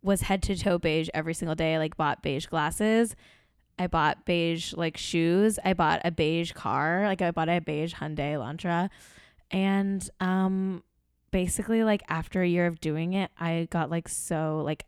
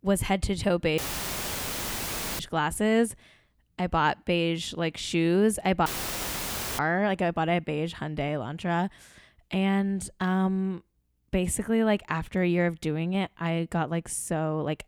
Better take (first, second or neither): first